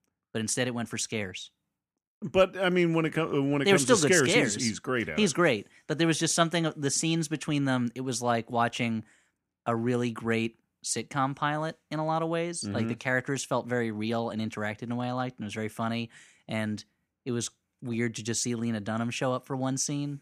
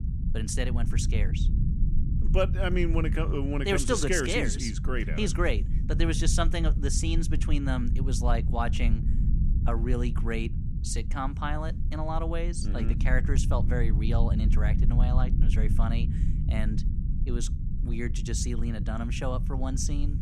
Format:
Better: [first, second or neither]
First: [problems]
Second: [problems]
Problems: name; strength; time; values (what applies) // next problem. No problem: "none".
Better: first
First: none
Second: low rumble; noticeable; throughout; 10 dB below the speech